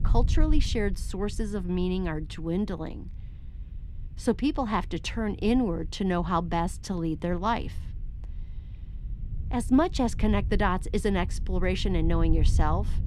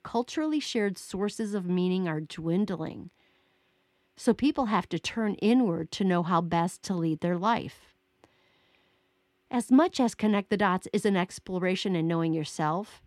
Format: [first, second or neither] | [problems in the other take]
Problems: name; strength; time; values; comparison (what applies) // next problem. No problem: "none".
second | wind noise on the microphone; occasional gusts; 20 dB below the speech